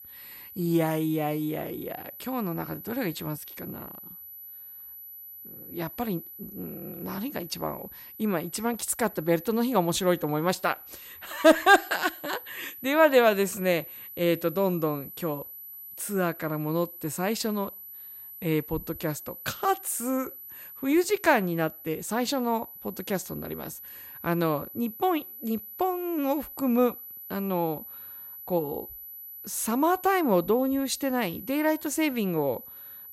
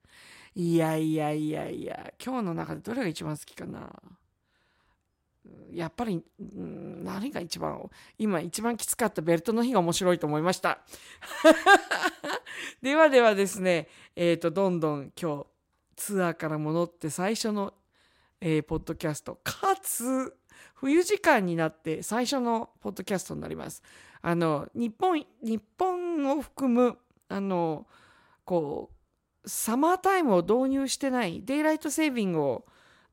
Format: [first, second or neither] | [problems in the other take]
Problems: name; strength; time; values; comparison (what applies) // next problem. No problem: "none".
second | high-pitched whine; noticeable; throughout; 12 kHz, 15 dB below the speech